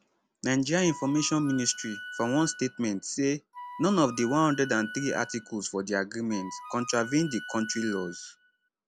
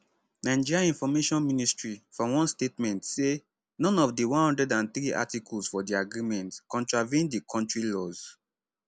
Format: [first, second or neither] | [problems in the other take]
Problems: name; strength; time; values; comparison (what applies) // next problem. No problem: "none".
second | background sound (Wind instrument, woodwind instrument); 14 dB below the speech